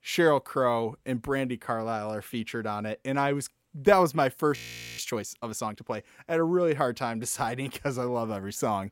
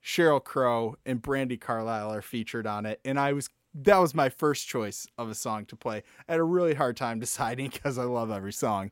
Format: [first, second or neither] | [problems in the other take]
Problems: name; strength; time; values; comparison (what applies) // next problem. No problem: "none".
second | audio freezing; at 4.5 s